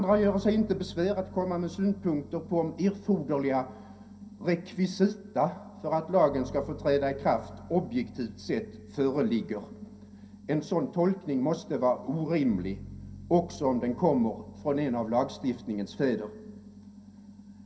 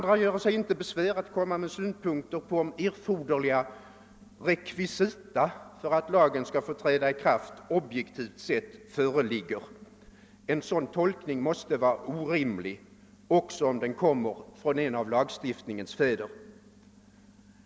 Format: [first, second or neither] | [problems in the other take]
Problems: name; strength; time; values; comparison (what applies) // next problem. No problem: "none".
second | background sound (Bass guitar); 20 dB below the speech // room echo; dies away in 0.3 s